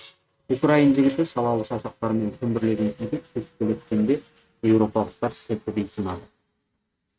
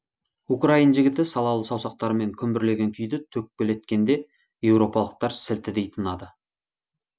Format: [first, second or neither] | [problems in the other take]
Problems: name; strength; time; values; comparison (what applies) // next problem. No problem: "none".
second | noise reduction (neural mask model RNNoise)